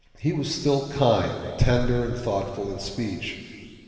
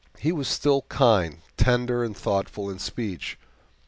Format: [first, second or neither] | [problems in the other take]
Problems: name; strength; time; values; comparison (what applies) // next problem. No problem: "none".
second | room echo; dies away in 2.5 s